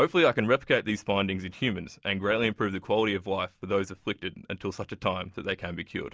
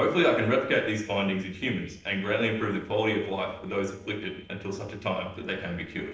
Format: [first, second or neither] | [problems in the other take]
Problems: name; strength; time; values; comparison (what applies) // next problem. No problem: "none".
first | noise reduction (neural separator model SepFormer DNS4)